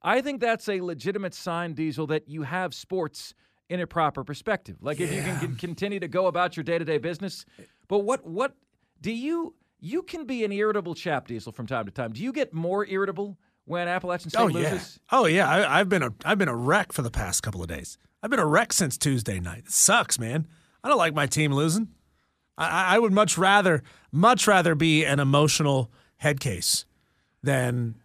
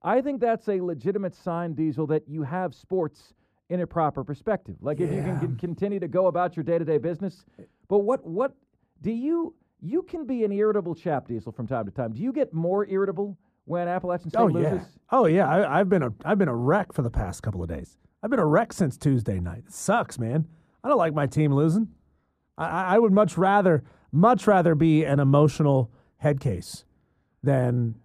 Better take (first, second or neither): first